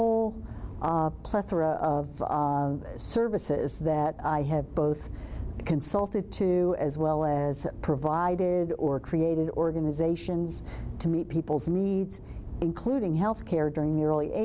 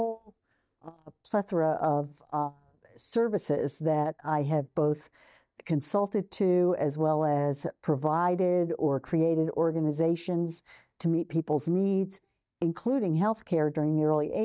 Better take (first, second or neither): first